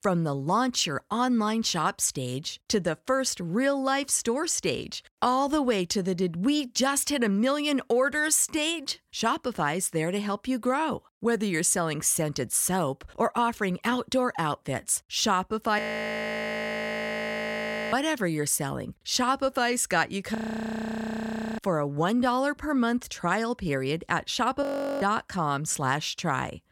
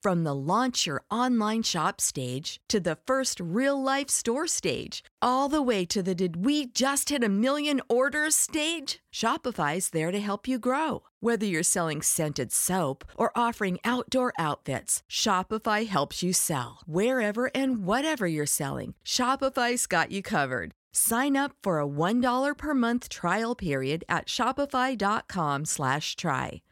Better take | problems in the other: second | audio freezing; at 16 s for 2 s, at 20 s for 1 s and at 25 s

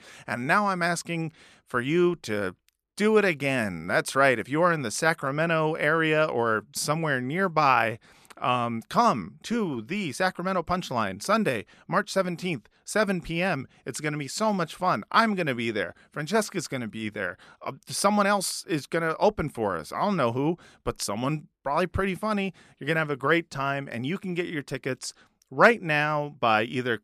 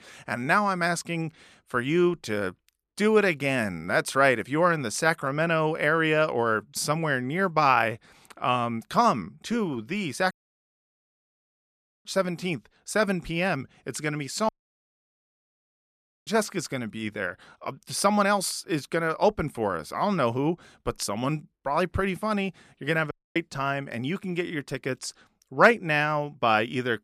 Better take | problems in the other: first | audio cutting out; at 10 s for 1.5 s, at 14 s for 2 s and at 23 s

